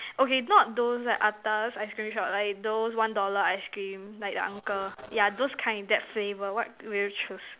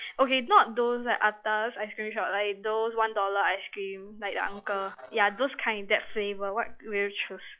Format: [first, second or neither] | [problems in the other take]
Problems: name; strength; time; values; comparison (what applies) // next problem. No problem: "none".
first | noise reduction (classical method log-MMSE)